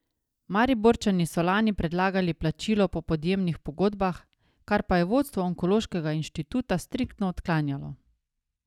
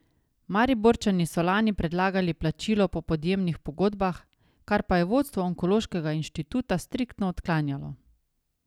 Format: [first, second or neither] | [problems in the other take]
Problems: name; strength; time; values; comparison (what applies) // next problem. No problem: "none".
second | noise reduction (neural mask model DeepFilterNet 3)